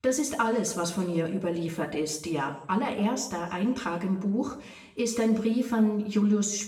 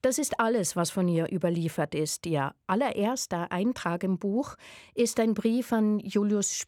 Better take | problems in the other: second | room echo; slight; dies away in 0.7 s // off-mic speech; far

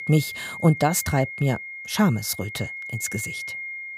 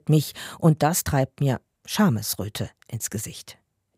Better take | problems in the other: second | high-pitched whine; loud; throughout; 2 kHz, 9 dB below the speech

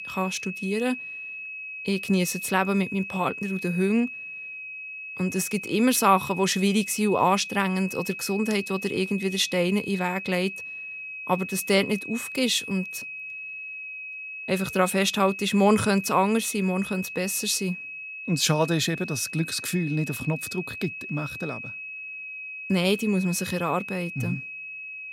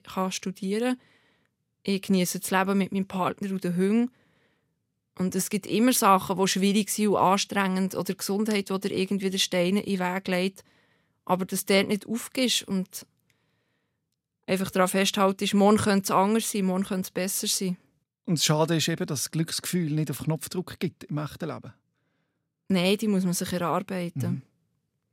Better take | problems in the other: second | high-pitched whine; loud; throughout; 2.5 kHz, 9 dB below the speech

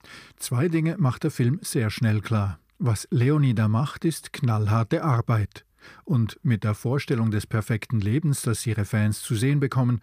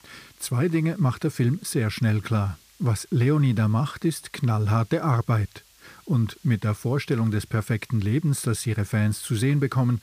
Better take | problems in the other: first | hiss; faint; throughout; 30 dB below the speech

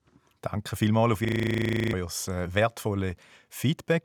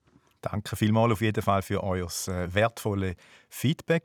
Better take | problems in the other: second | audio freezing; at 1.5 s for 0.5 s

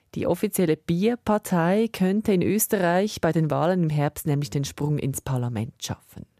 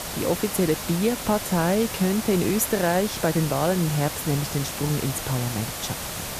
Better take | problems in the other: first | hiss; loud; throughout; 6 dB below the speech

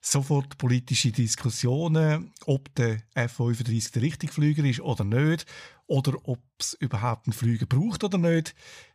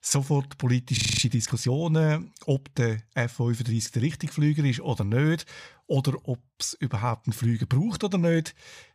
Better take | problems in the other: first | audio freezing; at 1 s

